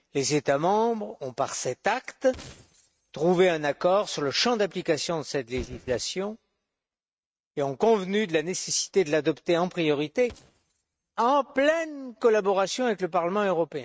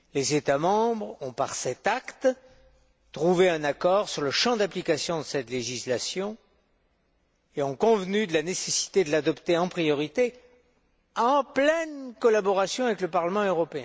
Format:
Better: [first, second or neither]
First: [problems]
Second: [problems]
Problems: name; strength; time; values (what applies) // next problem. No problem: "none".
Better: second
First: noise reduction (neural mask model RNNoise)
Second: none